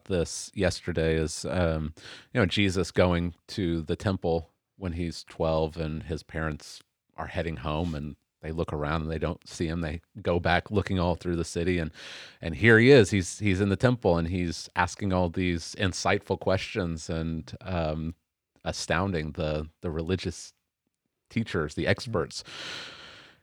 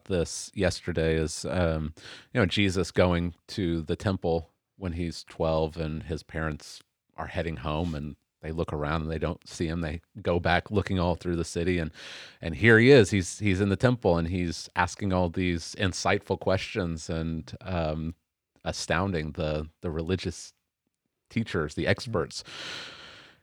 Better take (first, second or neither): neither